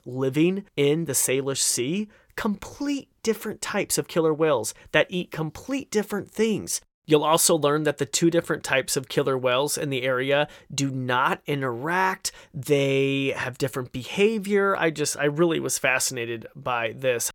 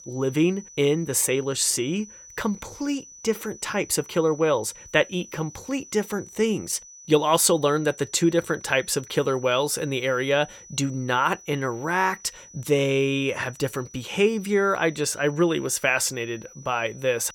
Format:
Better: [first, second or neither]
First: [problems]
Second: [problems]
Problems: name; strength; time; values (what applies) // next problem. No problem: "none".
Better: first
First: none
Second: high-pitched whine; noticeable; throughout; 6 kHz, 20 dB below the speech